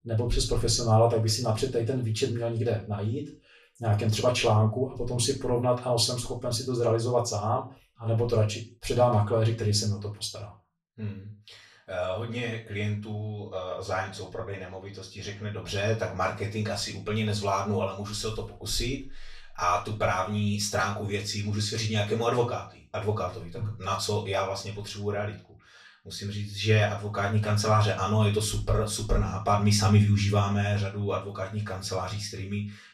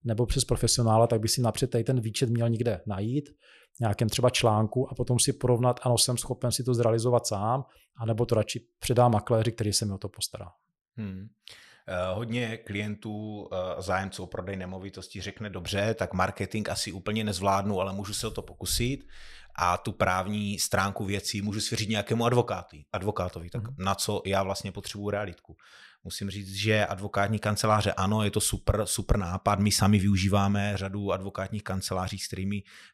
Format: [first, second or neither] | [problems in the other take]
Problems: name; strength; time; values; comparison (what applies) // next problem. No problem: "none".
second | room echo; slight; dies away in 0.3 s // off-mic speech; far